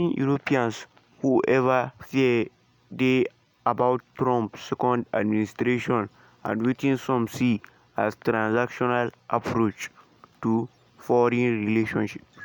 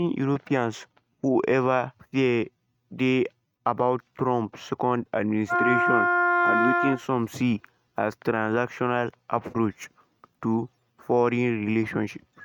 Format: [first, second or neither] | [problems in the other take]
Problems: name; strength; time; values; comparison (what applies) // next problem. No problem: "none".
first | noise reduction (neural mask model RNNoise)